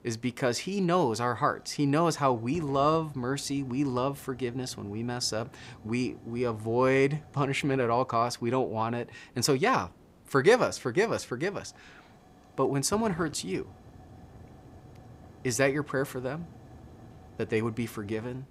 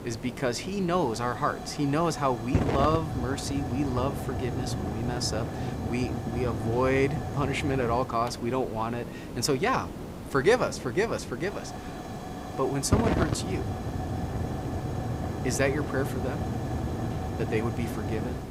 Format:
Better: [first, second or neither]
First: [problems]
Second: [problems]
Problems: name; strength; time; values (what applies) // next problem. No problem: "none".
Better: first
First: hiss; faint; throughout; 25 dB below the speech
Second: hiss; loud; throughout; 4 dB below the speech